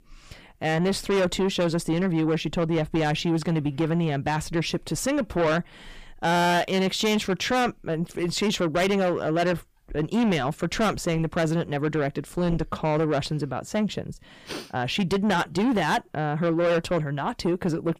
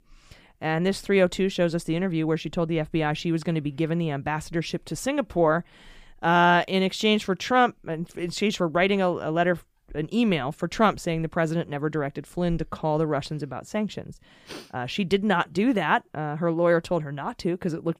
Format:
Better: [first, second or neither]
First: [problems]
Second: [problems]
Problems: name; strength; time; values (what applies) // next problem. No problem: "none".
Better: second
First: distortion; heavy; 7 dB below the speech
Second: none